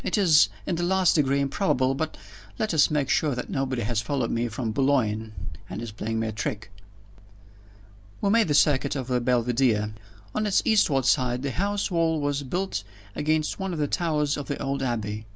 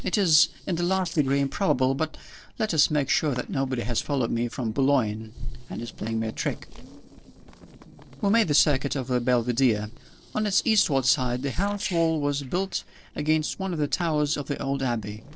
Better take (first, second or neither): first